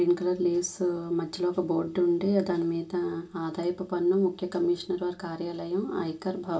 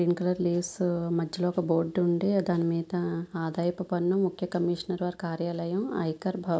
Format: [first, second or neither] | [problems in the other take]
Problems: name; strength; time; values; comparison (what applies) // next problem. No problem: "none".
second | room echo; dies away in 0.2 s